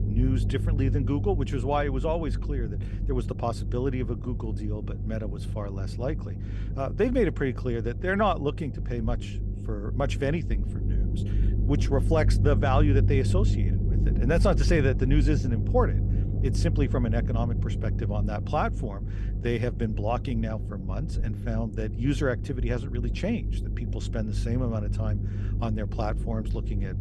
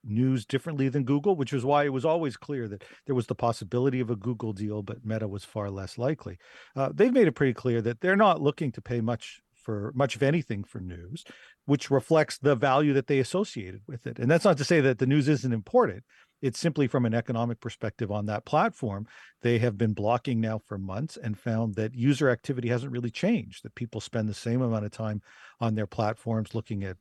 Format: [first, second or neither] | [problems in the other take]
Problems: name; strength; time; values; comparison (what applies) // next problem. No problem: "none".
second | low rumble; noticeable; throughout; 10 dB below the speech